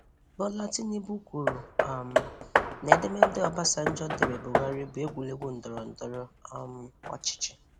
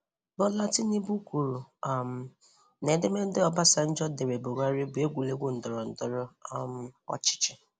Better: second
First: background sound (Hammer); 3 dB above the speech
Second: none

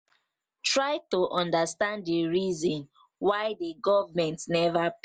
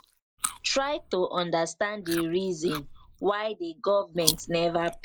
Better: first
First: none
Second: noise reduction (neural mask model Resemble Enhance denoiser)

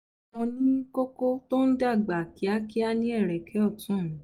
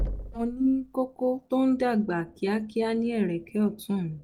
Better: first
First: none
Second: background sound (Knock); 13 dB below the speech

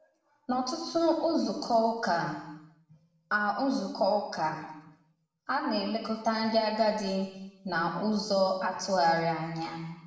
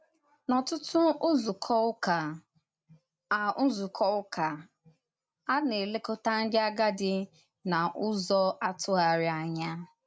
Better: second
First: room echo; dies away in 0.9 s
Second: none

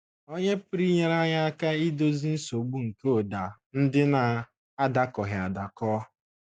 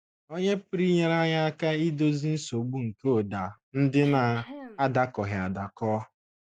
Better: first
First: none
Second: noise reduction (neural mask model DeepFilterNet 3)

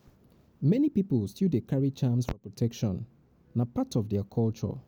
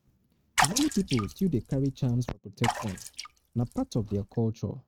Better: first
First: none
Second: noise reduction (neural mask model RNNoise)

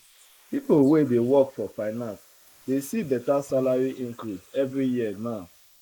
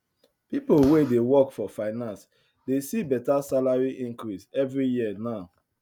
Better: second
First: noise reduction (neural mask model Resemble Enhance denoiser)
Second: none

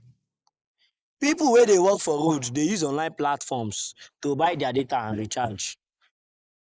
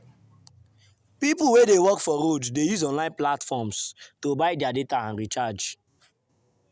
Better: second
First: noise reduction (neural mask model Resemble Enhance denoiser)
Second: none

